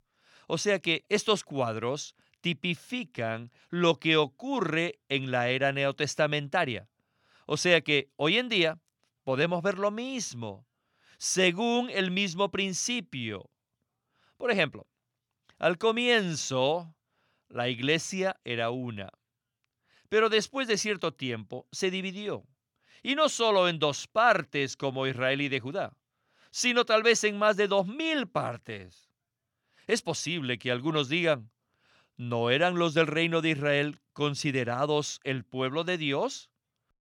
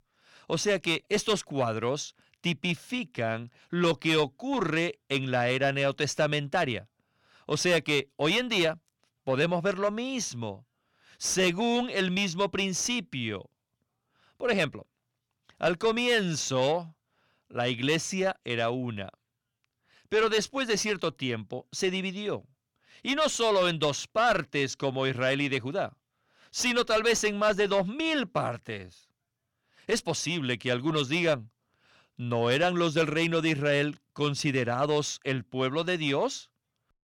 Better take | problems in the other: first | distortion; slight; 10 dB below the speech

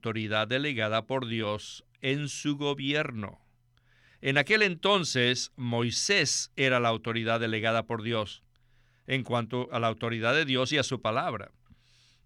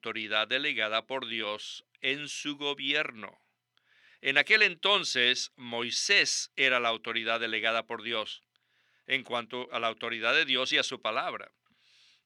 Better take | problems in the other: first | thin; somewhat; fading below 300 Hz

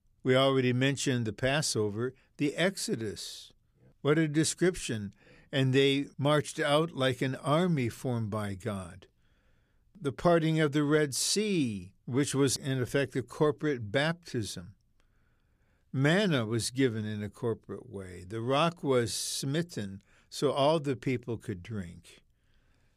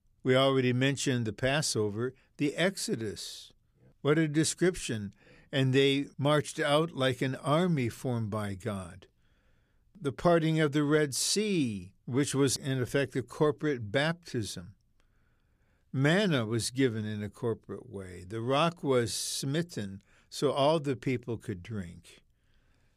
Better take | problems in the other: neither | none

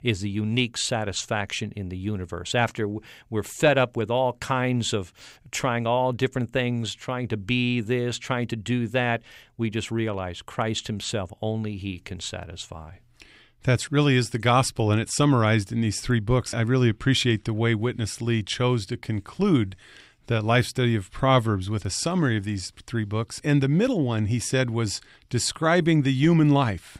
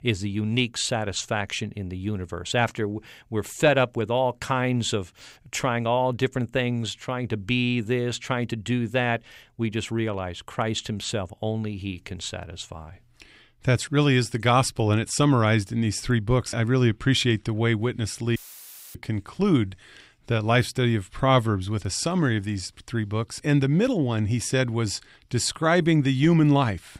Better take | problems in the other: first | audio cutting out; filled with static; at 18 s for 0.5 s

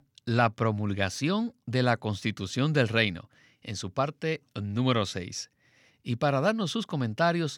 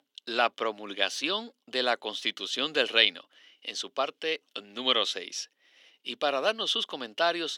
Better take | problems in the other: first | thin; very; fading below 350 Hz

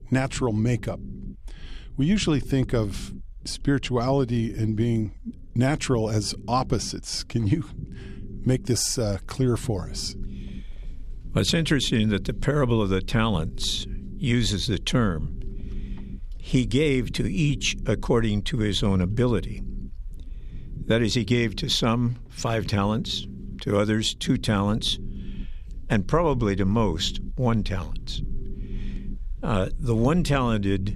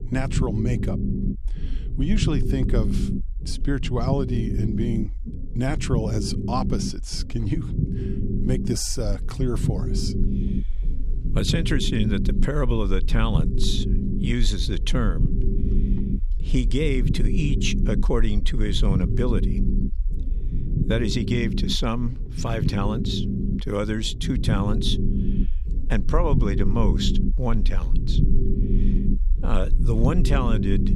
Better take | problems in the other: first | low rumble; loud; throughout; 6 dB below the speech; faint in the first

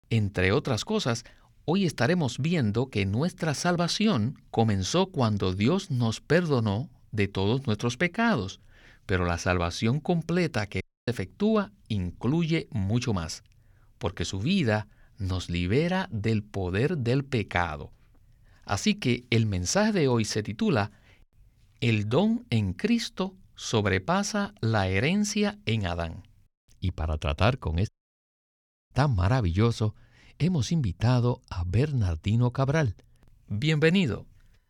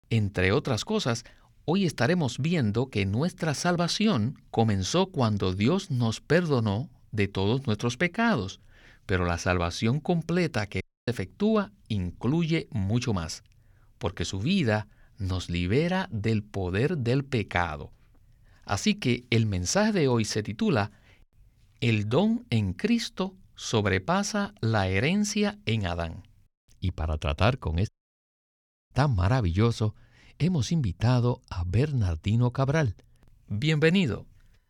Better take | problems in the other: neither | audio cutting out; at 11 s and at 28 s for 1 s; the same in both

